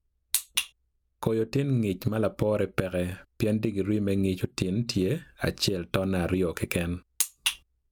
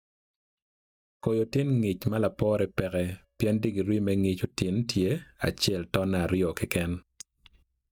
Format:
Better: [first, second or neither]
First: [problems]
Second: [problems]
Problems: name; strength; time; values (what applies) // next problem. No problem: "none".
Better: first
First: none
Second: noise reduction (neural mask model DeepFilterNet 3)